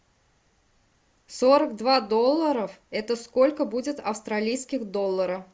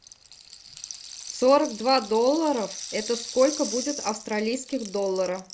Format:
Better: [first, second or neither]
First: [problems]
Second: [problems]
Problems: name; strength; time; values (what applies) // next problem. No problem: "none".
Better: first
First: none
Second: background sound (Rattle (instrument)); 13 dB below the speech